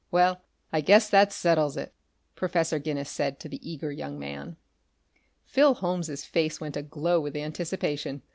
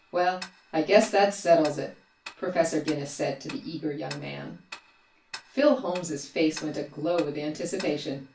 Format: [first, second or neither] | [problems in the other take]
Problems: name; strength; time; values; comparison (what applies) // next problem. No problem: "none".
first | background sound (Tick-tock); 20 dB below the speech // room echo; dies away in 0.3 s